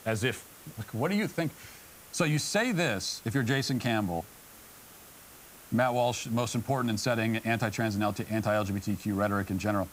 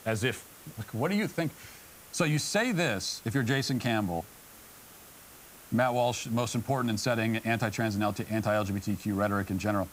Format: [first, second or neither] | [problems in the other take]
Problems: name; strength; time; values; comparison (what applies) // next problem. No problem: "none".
neither | hiss; noticeable; throughout; 20 dB below the speech; the same in both